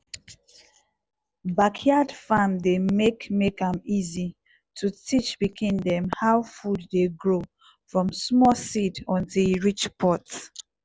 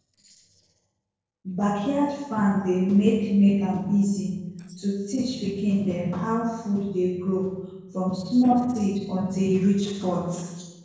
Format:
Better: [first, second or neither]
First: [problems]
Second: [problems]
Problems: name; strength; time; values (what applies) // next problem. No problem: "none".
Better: first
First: none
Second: noise reduction (neural separator model SepFormer DNS4)